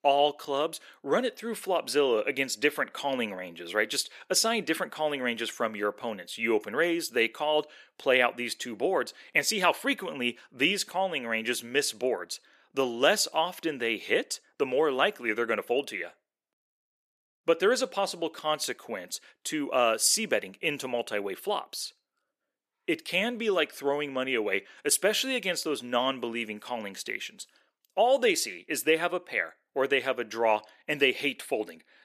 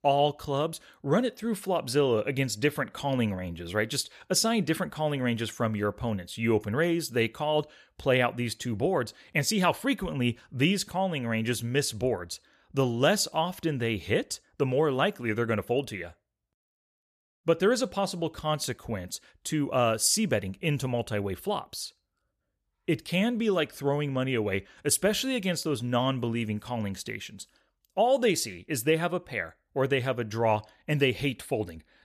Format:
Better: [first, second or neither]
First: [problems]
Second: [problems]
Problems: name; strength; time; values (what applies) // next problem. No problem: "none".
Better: second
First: thin; somewhat; fading below 300 Hz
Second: none